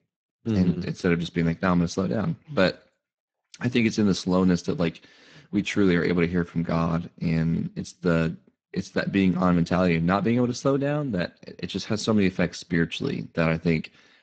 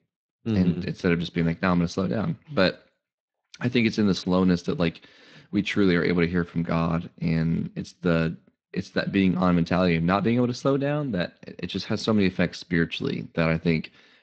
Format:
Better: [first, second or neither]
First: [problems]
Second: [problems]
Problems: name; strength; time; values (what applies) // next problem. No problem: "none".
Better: second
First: garbled, watery; badly; nothing above 7.5 kHz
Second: garbled, watery; slightly